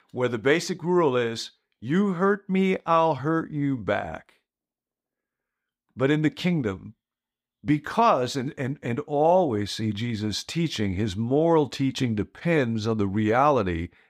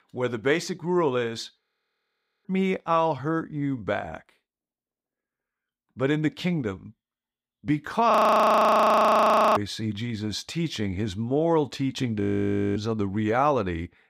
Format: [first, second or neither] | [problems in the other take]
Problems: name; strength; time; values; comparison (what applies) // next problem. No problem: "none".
first | audio freezing; at 1.5 s for 1 s, at 8 s for 1.5 s and at 12 s for 0.5 s